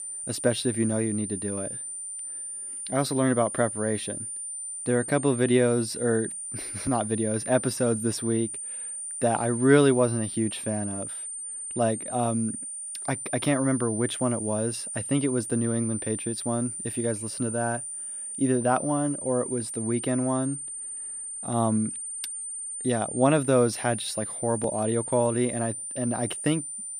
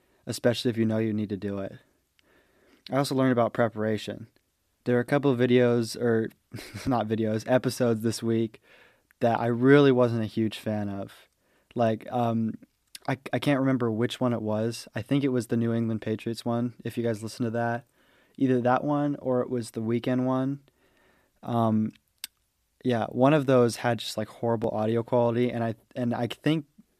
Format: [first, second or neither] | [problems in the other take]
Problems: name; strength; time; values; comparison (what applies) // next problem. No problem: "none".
second | high-pitched whine; loud; throughout; 9 kHz, 6 dB below the speech